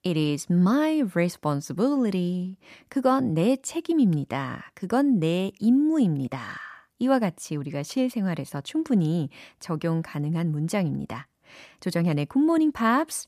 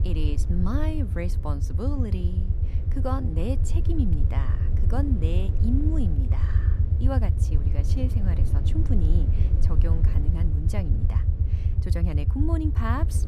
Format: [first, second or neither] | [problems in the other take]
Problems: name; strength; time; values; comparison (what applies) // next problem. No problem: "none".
first | low rumble; loud; throughout; 5 dB below the speech